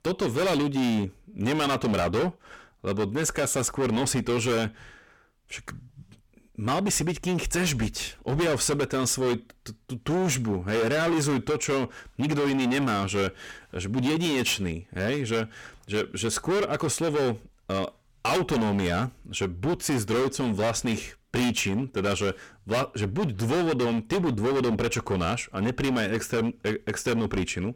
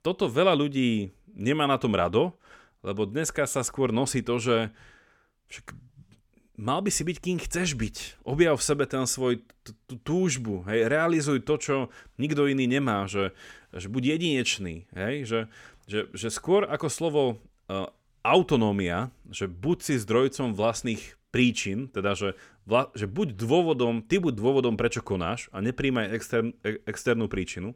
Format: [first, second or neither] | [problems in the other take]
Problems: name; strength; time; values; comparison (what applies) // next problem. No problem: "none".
second | distortion; heavy; 21% of the sound clipped